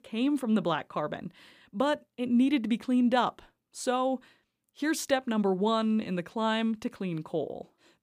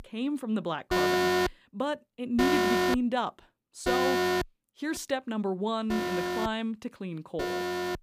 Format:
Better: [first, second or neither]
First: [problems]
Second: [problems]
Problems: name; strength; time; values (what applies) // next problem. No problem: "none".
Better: first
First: none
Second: alarms or sirens; very loud; throughout; 4 dB above the speech